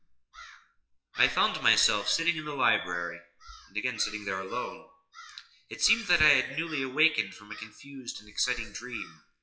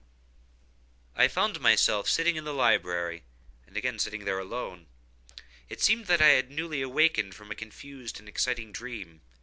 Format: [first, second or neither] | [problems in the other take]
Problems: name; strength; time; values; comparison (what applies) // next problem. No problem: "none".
second | noise reduction (classical method WPE with log-MMSE)